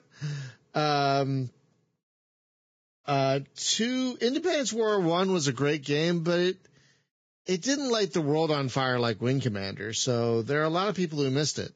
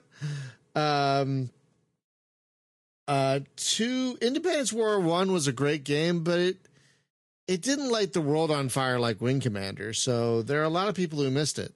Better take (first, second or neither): second